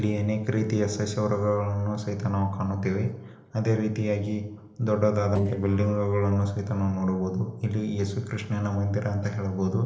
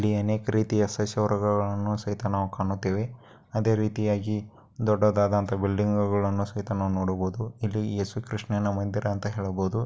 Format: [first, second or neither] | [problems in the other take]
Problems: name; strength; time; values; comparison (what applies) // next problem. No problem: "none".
second | noise reduction (neural separator model SepFormer DNS4)